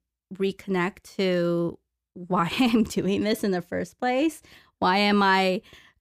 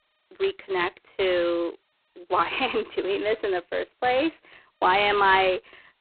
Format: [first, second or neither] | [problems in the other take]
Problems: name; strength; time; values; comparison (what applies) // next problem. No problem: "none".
first | phone-call audio; poor line; nothing above 4 kHz